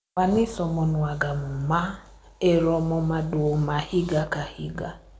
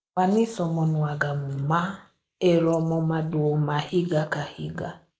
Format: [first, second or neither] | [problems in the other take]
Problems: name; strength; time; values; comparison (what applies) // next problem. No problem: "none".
first | noise reduction (neural mask model Resemble Enhance denoiser)